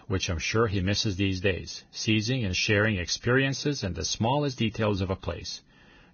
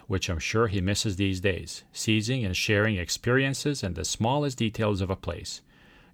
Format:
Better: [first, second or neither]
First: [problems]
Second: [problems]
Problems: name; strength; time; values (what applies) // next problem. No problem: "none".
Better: second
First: garbled, watery; badly; nothing above 6.5 kHz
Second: none